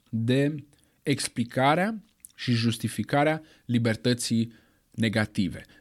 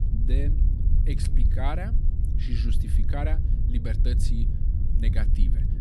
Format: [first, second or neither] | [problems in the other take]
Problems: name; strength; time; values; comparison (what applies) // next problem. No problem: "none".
first | low rumble; loud; throughout; 5 dB below the speech